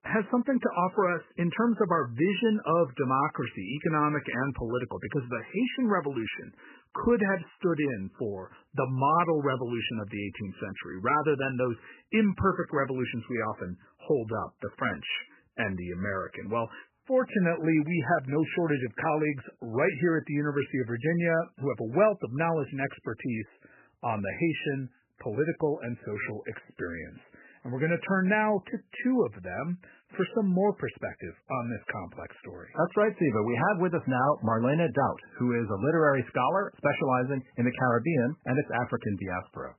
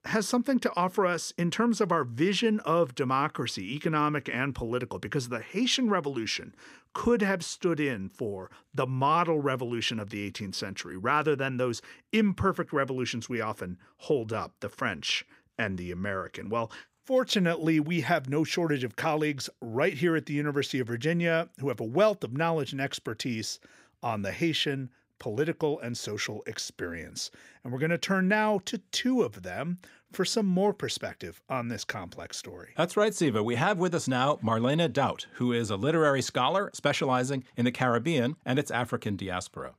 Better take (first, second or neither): second